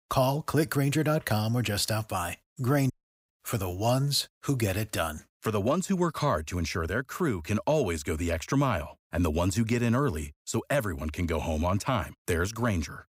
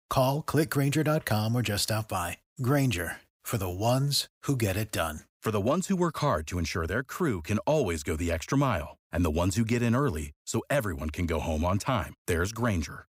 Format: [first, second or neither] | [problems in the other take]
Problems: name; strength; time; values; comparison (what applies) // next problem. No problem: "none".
second | audio cutting out; at 3 s